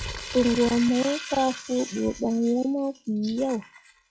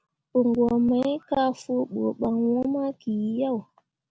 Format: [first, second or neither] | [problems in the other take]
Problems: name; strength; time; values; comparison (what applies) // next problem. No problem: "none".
second | noise reduction (classical method log-MMSE)